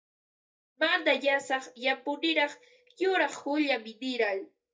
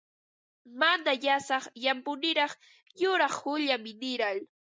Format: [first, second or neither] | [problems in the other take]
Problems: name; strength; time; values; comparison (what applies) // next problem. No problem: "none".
second | noise reduction (neural mask model DeepFilterNet 3)